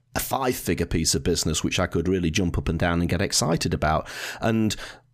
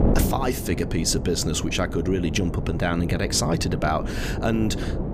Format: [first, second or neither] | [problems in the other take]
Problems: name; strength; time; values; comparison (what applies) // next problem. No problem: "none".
first | wind noise on the microphone; heavy; 9 dB below the speech